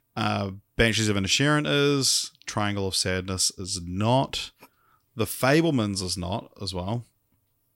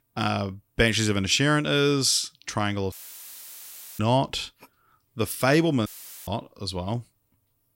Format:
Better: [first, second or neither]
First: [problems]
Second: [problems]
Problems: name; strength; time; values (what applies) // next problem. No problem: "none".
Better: first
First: none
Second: audio cutting out; filled with static; at 3 s for 1 s and at 6 s